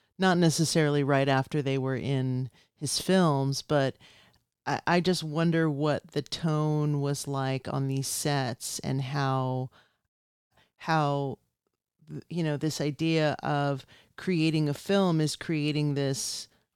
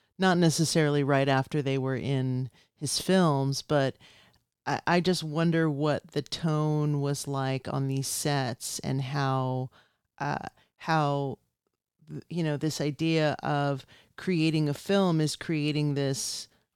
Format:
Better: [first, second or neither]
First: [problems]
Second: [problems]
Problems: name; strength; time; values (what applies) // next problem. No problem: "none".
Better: second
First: audio cutting out; at 10 s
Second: none